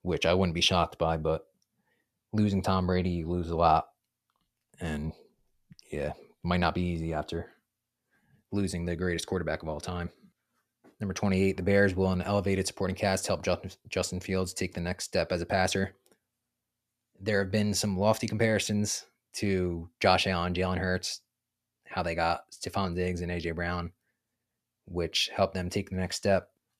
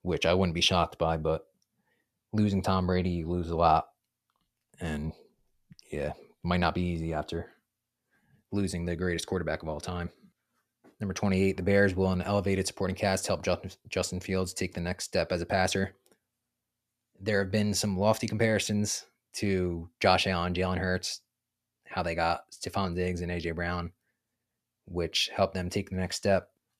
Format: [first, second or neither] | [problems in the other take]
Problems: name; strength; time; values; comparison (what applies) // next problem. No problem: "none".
neither | none